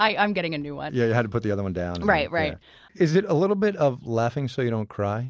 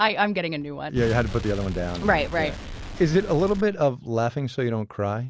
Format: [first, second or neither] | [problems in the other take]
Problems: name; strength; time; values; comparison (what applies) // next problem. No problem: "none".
first | background sound (Explosion); 10 dB below the speech